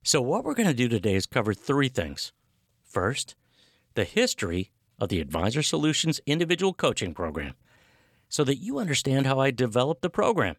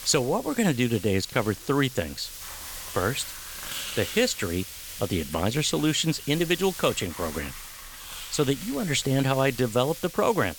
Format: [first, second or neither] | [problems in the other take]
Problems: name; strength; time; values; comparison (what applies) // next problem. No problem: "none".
first | hiss; noticeable; throughout; 10 dB below the speech